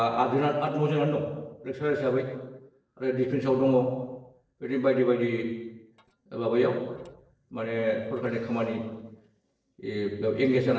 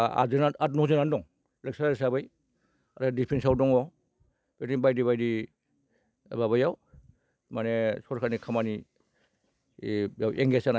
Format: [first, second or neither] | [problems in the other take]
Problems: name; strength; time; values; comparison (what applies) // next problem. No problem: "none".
second | noise reduction (neural separator model SepFormer DNS4)